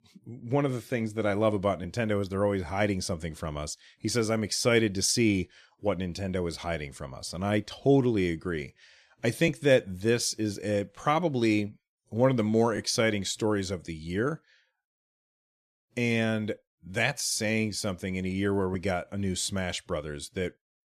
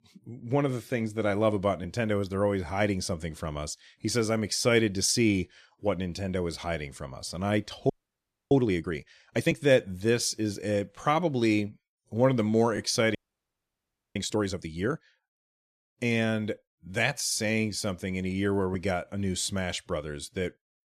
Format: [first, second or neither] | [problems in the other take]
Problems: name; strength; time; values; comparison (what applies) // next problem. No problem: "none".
first | audio freezing; at 8 s for 0.5 s and at 13 s for 1 s